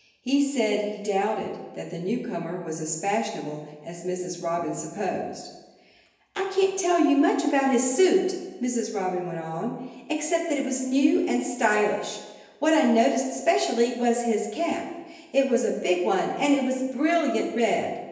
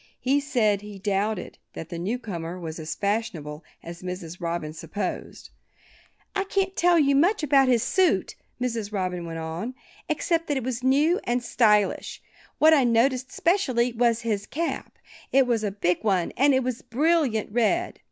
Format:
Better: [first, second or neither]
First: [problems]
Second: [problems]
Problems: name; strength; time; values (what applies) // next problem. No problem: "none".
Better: second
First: room echo; dies away in 1 s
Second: none